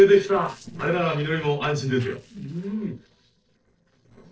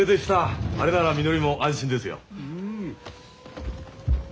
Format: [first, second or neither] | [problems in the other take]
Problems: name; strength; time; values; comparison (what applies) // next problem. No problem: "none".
second | noise reduction (neural separator model SepFormer DNS4)